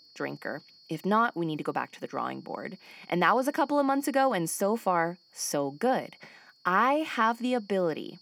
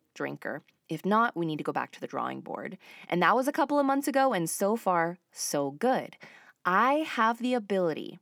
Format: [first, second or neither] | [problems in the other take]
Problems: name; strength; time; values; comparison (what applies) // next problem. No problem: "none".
second | high-pitched whine; faint; throughout; 4.5 kHz, 30 dB below the speech